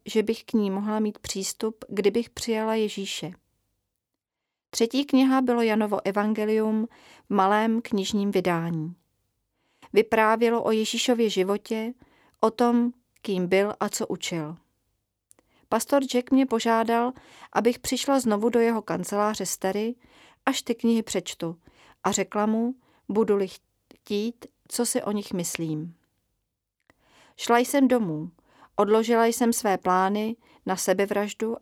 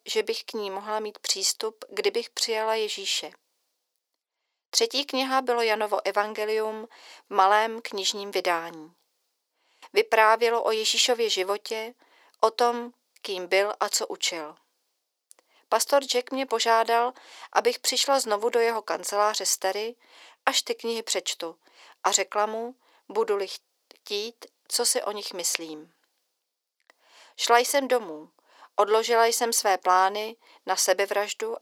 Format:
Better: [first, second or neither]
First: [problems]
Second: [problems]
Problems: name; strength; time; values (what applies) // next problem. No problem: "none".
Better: first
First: none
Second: thin; very; fading below 500 Hz